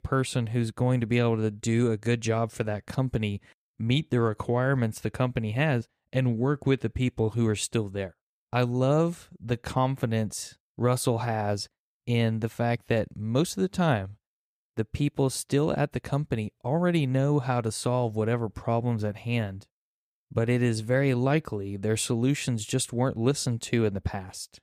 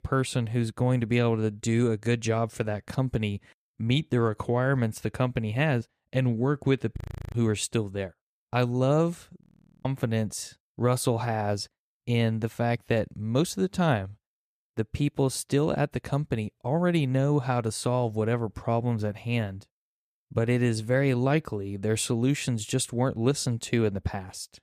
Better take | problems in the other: first | audio freezing; at 7 s and at 9.5 s

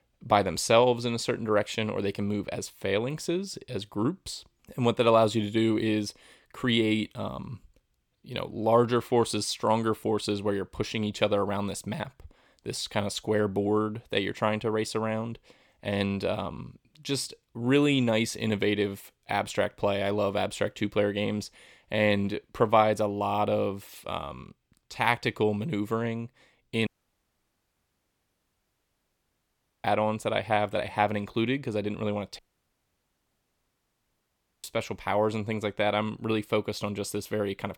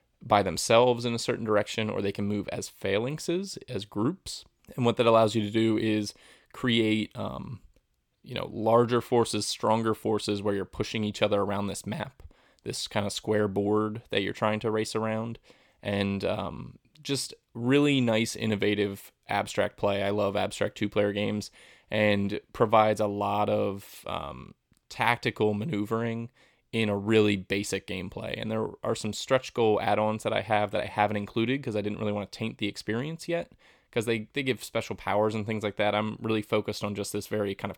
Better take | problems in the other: second | audio cutting out; at 27 s for 3 s and at 32 s for 2.5 s

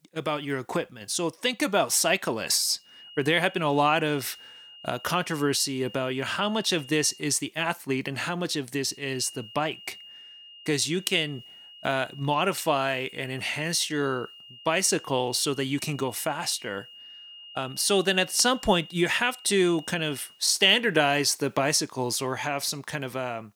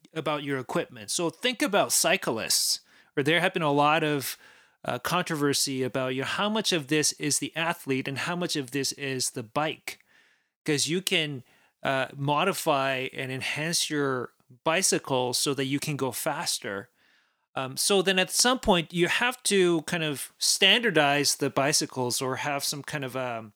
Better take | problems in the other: second | high-pitched whine; noticeable; from 3 to 7 s and from 9 to 20 s; 3 kHz, 20 dB below the speech

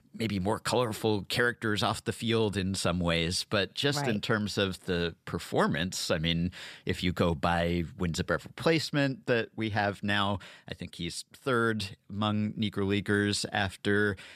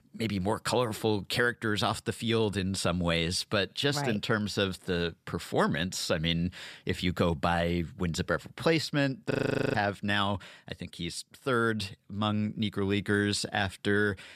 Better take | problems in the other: first | audio freezing; at 9.5 s

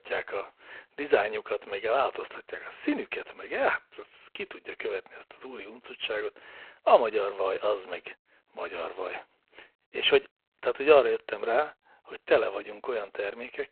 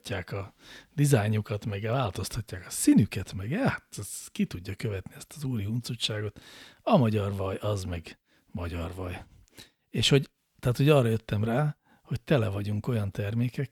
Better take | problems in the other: second | phone-call audio; poor line

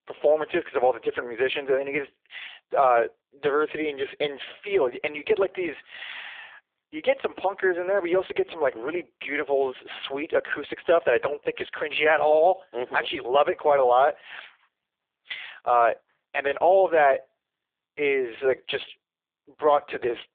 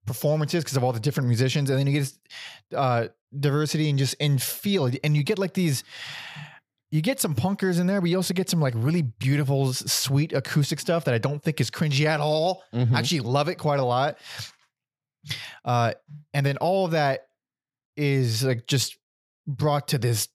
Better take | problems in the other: second | phone-call audio; poor line

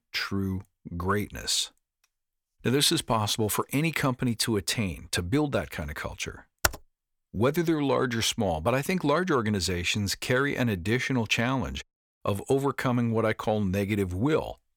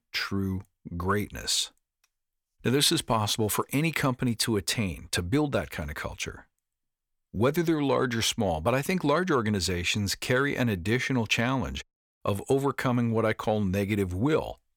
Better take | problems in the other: second | keyboard typing; very faint; at 6.5 s; peak 1 dB below the speech

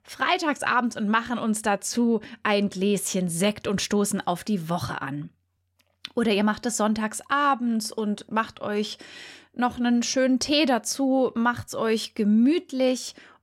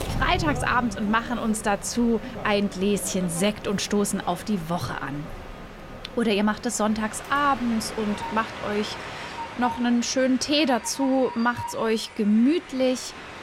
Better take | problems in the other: first | train or aircraft noise; noticeable; throughout; 10 dB below the speech

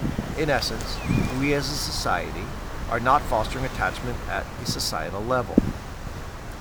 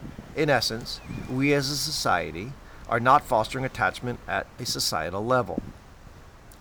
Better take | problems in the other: second | wind noise on the microphone; heavy; 9 dB below the speech; occasional gusts in the second

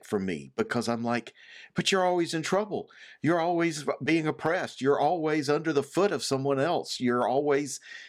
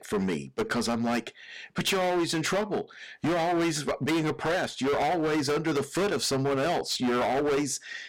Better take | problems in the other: first | distortion; heavy; 24% of the sound clipped

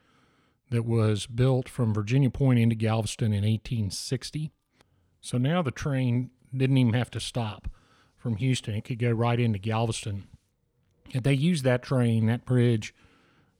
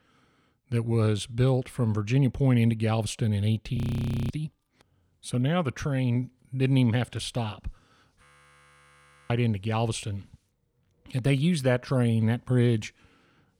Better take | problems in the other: first | audio freezing; at 4 s for 0.5 s and at 8 s for 1 s

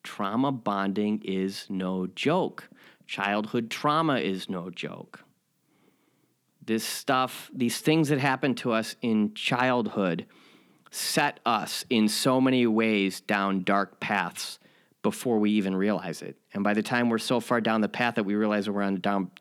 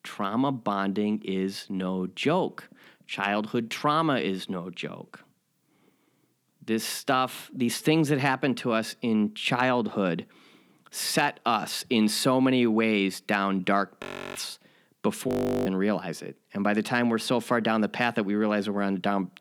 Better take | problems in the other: first | audio freezing; at 14 s and at 15 s

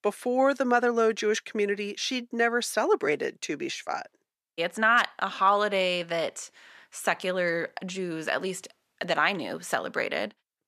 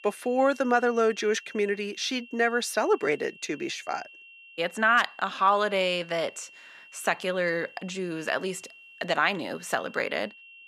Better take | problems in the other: first | high-pitched whine; faint; throughout; 2.5 kHz, 20 dB below the speech

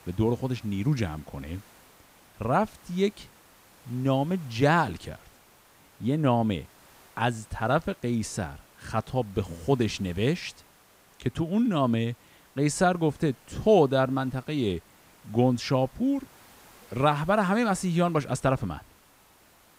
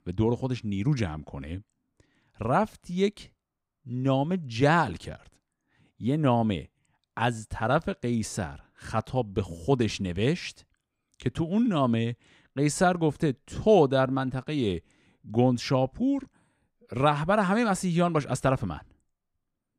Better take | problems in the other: second | hiss; faint; throughout; 25 dB below the speech

